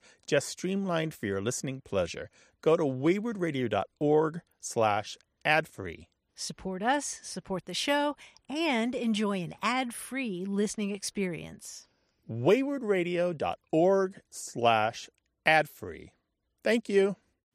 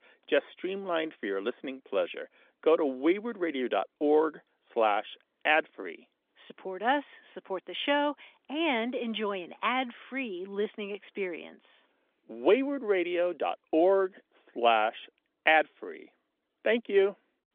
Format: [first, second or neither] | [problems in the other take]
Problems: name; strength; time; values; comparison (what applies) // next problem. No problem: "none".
first | phone-call audio; nothing above 3.5 kHz